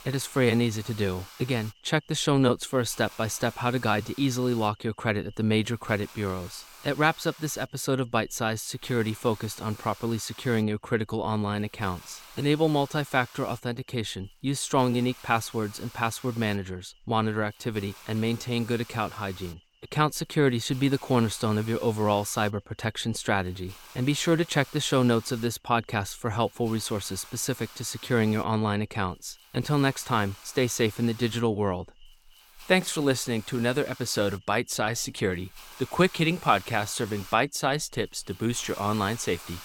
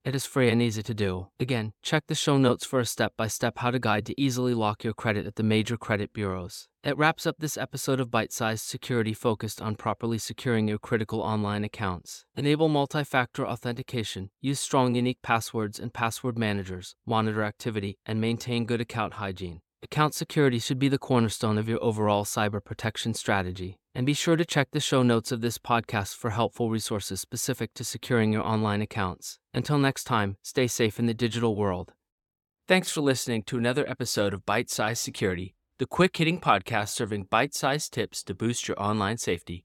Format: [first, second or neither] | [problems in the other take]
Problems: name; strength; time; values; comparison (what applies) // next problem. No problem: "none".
second | hiss; noticeable; throughout; 20 dB below the speech